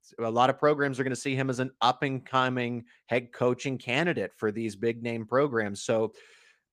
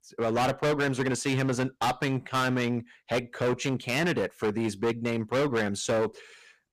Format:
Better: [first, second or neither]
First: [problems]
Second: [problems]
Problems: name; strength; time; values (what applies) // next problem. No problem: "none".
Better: first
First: none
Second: distortion; heavy; 17% of the sound clipped